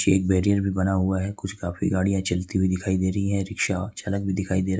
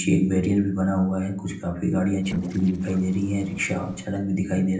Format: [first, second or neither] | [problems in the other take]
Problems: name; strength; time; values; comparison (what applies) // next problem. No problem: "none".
first | noise reduction (neural separator model SepFormer DNS4)